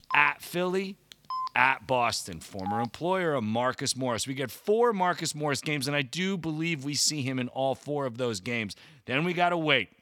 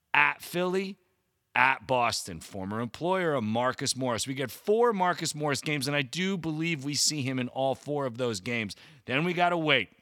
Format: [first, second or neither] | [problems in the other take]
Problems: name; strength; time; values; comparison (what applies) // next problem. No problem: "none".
second | phone ringing; noticeable; until 3 s; peak 7 dB below the speech